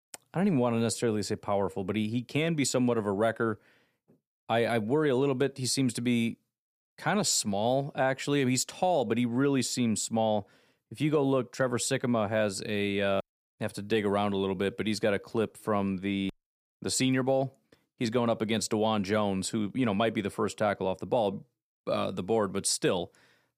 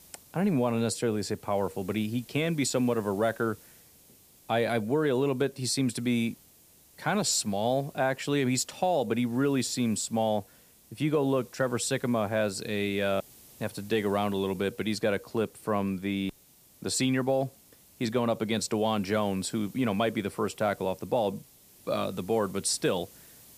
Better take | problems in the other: first | hiss; faint; throughout; 25 dB below the speech

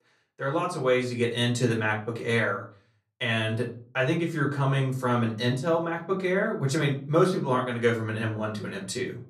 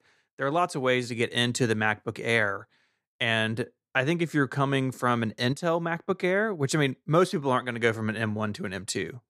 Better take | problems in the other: second | off-mic speech; far // room echo; very slight; dies away in 0.3 s

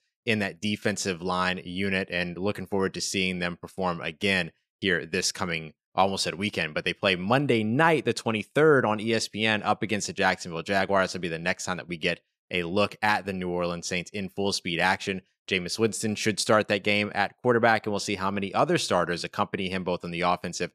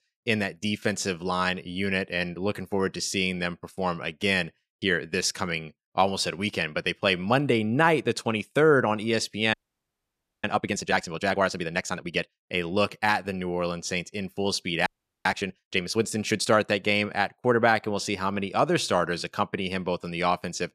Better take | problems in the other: first | audio freezing; at 9.5 s for 1 s and at 15 s

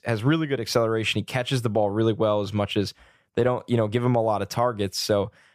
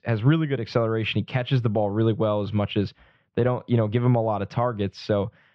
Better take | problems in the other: first | muffled; slightly; fading above 4 kHz

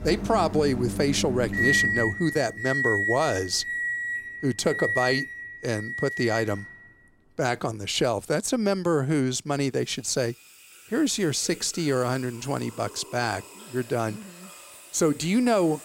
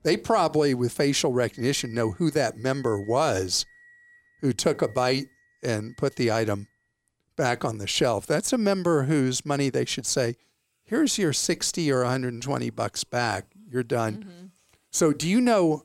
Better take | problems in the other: second | household noises; loud; throughout; 1 dB below the speech; faint in the second

